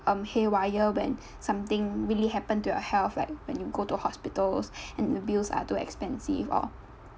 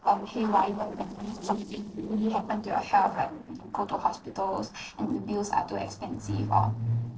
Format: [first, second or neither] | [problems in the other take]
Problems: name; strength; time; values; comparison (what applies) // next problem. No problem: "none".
first | noise reduction (neural separator model SepFormer DNS4)